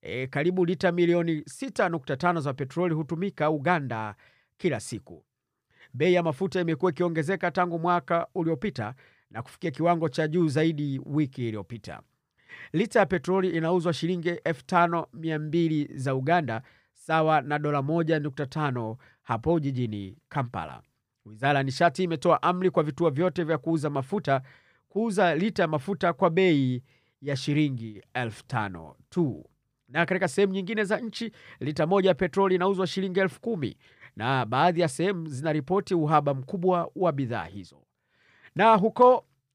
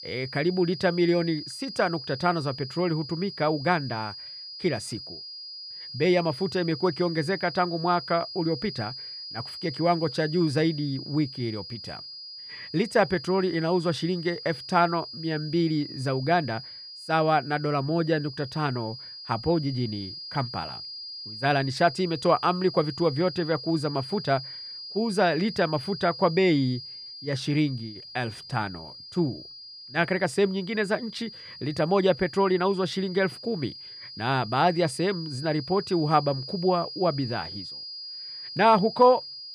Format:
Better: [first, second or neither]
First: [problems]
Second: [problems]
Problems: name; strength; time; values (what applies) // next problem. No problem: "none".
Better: first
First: none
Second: high-pitched whine; noticeable; throughout; 5 kHz, 10 dB below the speech